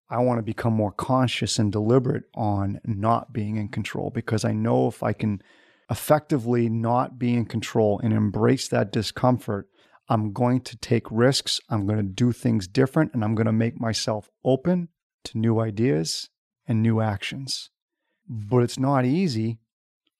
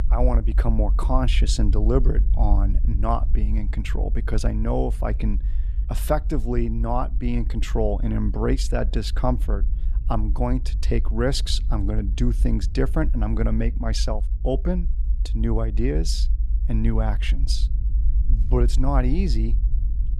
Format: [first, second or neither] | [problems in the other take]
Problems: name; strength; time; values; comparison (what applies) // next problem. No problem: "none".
first | low rumble; noticeable; throughout; 15 dB below the speech